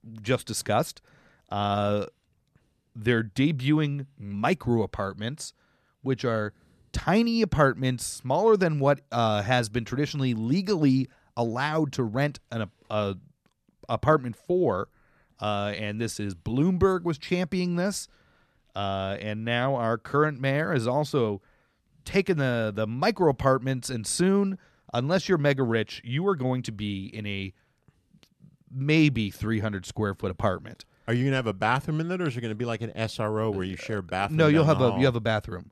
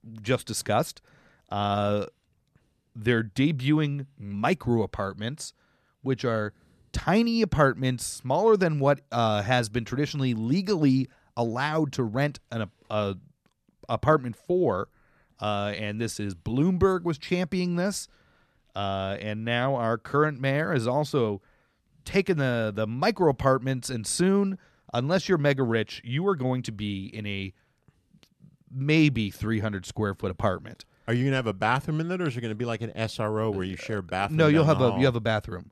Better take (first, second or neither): neither